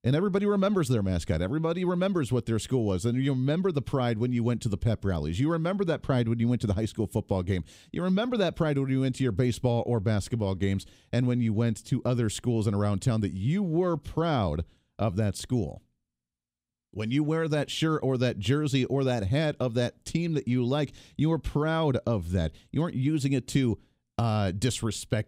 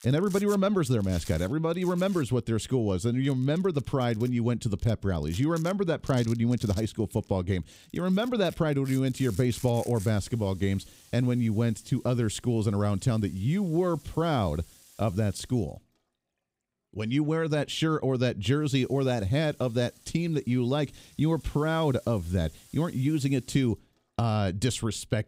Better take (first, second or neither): first